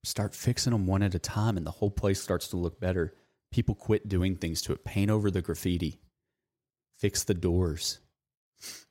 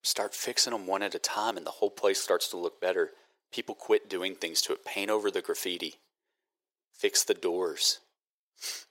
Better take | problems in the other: first | thin; very; fading below 400 Hz

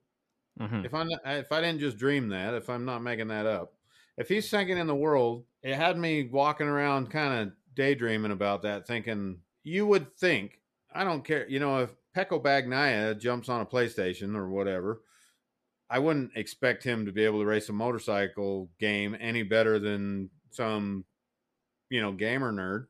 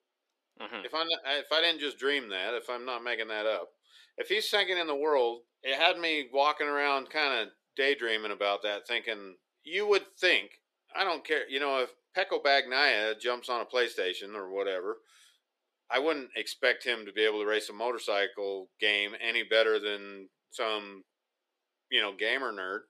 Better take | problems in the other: first | thin; very; fading below 350 Hz

